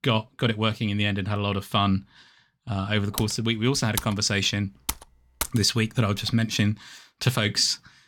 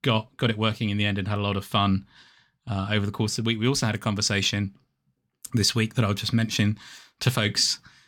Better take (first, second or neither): second